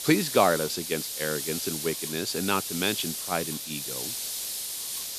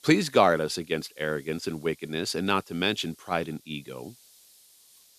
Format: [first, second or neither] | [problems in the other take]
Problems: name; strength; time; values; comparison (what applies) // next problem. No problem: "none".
second | hiss; loud; throughout; 3 dB below the speech; faint in the second